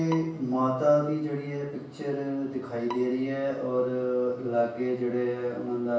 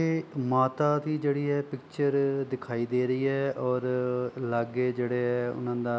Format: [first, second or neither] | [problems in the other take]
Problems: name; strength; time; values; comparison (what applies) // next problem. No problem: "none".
second | background sound (Bowed string instrument); 19 dB below the speech // room echo; dies away in 0.7 s